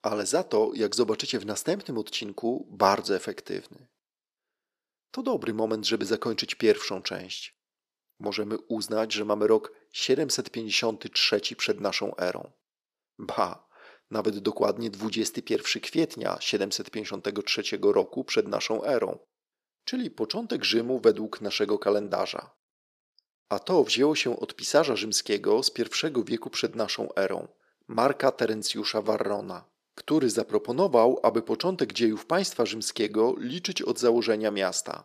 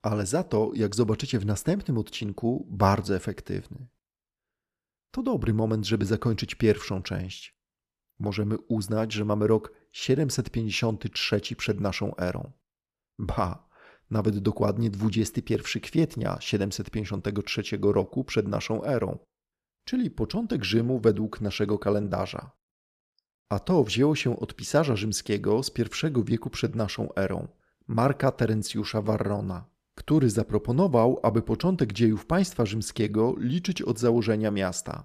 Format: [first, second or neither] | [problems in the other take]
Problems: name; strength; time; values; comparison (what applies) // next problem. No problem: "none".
second | thin; somewhat; fading below 400 Hz